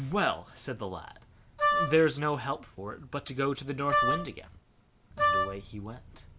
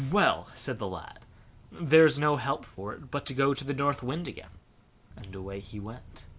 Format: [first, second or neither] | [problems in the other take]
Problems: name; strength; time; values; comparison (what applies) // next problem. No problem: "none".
second | background sound (Wind instrument, woodwind instrument); 4 dB above the speech